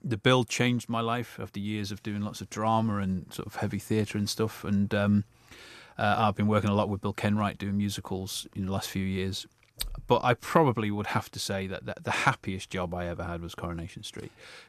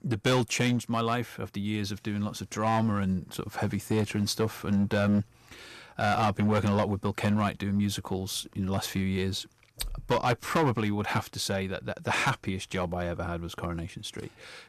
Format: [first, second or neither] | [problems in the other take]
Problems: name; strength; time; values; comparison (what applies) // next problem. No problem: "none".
first | distortion; slight; 5% of the sound clipped